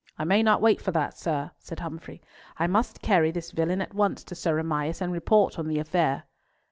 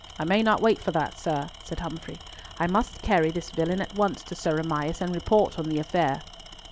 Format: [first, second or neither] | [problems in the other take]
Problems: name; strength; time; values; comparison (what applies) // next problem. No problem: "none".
first | background sound (Tools); 17 dB below the speech